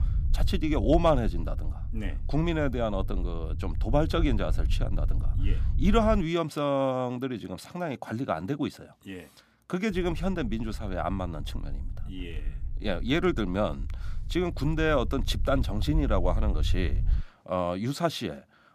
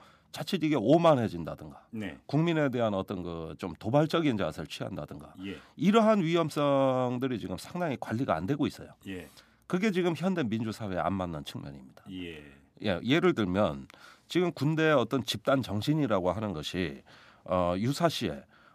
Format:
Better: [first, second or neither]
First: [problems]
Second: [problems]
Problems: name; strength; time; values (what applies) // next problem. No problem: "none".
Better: second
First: low rumble; faint; until 6 s and from 10 to 17 s; 20 dB below the speech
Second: none